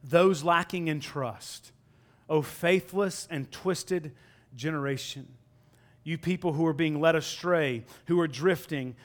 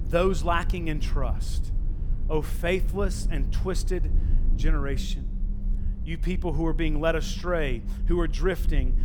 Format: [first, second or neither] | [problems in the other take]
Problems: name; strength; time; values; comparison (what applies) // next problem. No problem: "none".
first | low rumble; noticeable; throughout; 20 dB below the speech